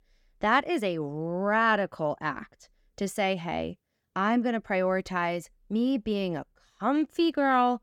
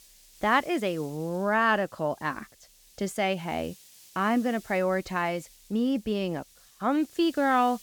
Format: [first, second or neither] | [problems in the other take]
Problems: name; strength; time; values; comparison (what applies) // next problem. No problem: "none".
first | hiss; faint; throughout; 25 dB below the speech